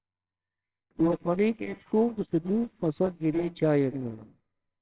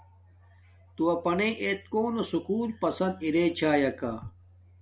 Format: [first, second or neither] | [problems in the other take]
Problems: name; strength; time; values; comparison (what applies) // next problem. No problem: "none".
second | noise reduction (neural separator model SepFormer WHAMR!)